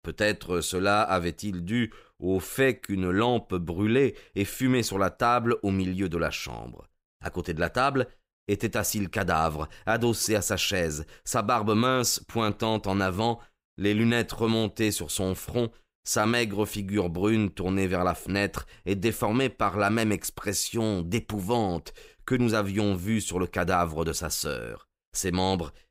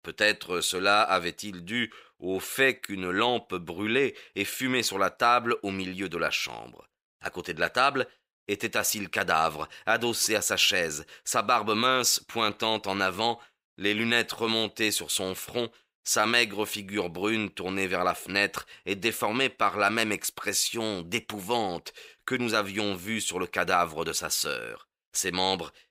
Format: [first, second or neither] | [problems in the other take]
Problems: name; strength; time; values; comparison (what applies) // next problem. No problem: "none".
first | thin; somewhat; fading below 1 kHz